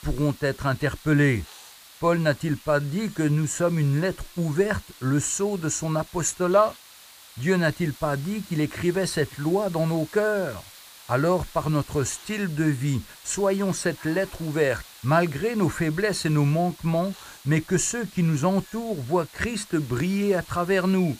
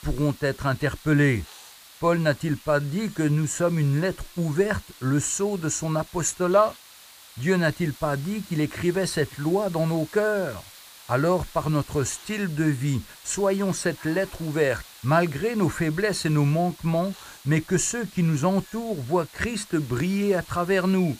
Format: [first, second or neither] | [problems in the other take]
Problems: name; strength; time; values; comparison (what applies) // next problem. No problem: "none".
neither | hiss; noticeable; throughout; 20 dB below the speech; the same in both